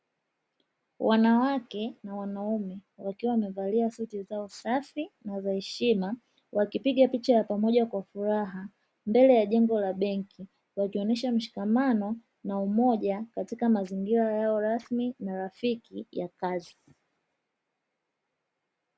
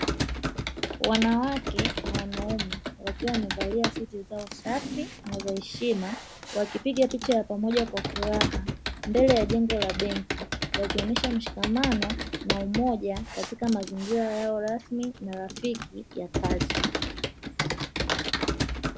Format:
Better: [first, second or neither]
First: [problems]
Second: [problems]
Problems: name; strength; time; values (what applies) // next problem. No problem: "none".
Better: first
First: none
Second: background sound (Computer keyboard); 2 dB below the speech